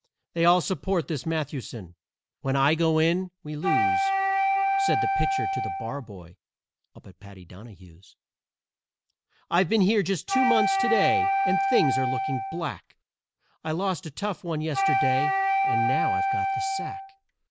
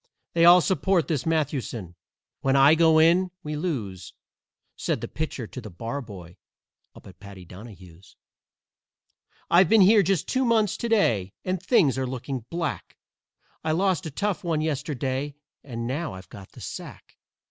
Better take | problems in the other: second | background sound (Wind instrument, woodwind instrument); 3 dB above the speech

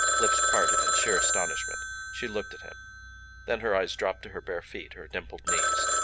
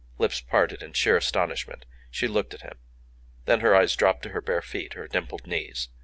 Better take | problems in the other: second | background sound (Telephone); 5 dB above the speech

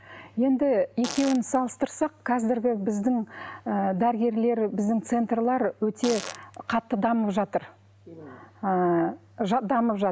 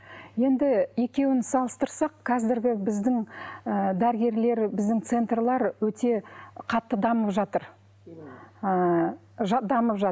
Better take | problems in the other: second | background sound (Fart); 12 dB below the speech

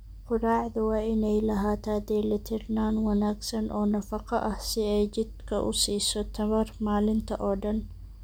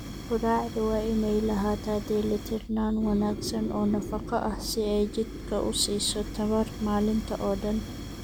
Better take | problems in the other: first | background sound (Fire); 10 dB below the speech

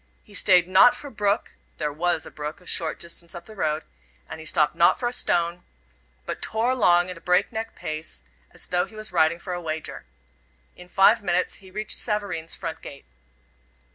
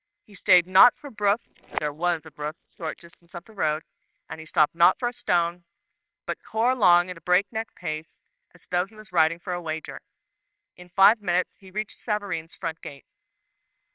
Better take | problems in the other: first | noise reduction (neural separator model SepFormer WHAMR!)

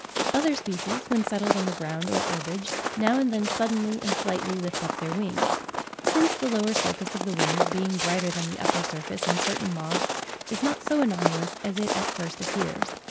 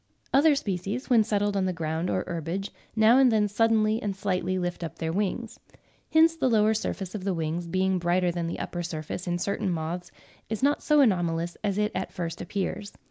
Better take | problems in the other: second | background sound (Walk, footsteps); 1 dB below the speech

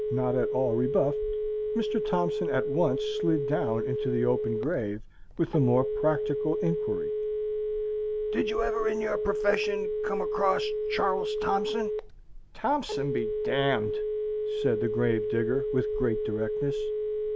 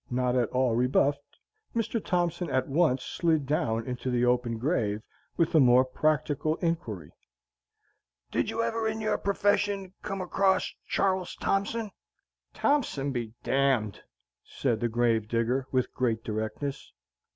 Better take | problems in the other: second | background sound (Telephone); as loud as the speech

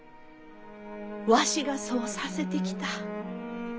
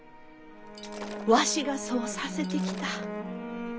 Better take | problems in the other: first | background sound (Shatter); 18 dB below the speech

